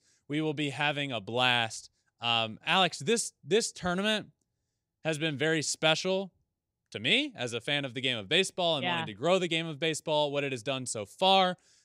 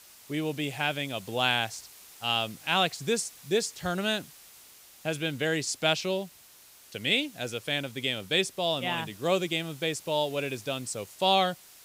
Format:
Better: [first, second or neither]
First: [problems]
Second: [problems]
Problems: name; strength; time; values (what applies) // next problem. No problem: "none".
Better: first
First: none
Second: hiss; faint; throughout; 20 dB below the speech